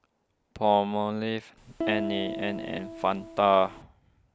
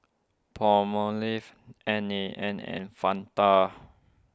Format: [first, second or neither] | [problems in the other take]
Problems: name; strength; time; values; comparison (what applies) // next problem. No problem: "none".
second | background sound (Piano); 7 dB below the speech